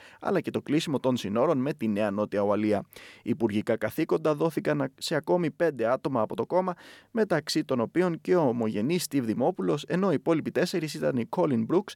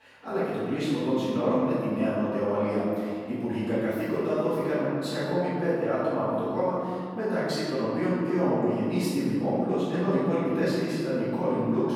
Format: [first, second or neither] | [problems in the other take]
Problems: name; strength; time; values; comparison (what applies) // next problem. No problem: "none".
first | room echo; strong; dies away in 2.2 s // off-mic speech; far